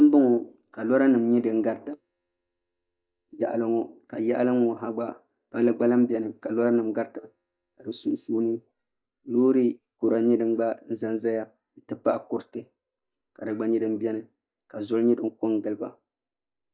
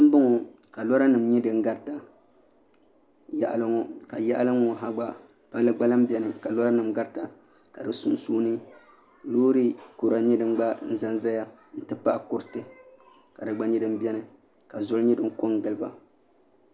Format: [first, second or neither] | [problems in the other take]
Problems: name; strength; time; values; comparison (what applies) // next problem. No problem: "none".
second | noise reduction (neural mask model DeepFilterNet 3)